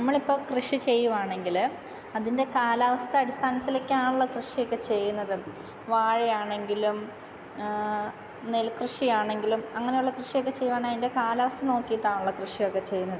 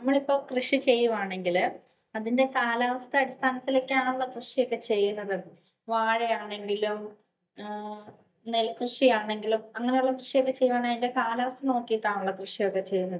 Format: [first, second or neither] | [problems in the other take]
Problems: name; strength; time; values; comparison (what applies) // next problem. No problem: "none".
first | noise reduction (neural mask model DeepFilterNet 3)